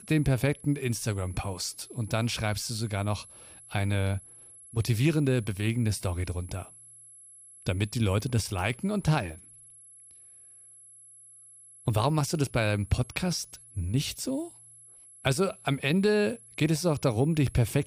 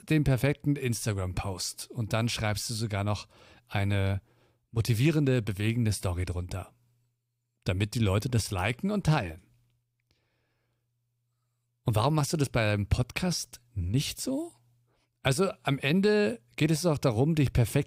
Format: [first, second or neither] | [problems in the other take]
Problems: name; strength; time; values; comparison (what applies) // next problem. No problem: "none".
second | high-pitched whine; noticeable; throughout; 11 kHz, 20 dB below the speech